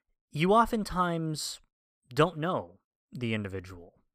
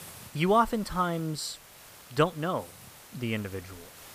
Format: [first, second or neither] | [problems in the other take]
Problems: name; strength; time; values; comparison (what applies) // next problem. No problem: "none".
first | hiss; noticeable; throughout; 20 dB below the speech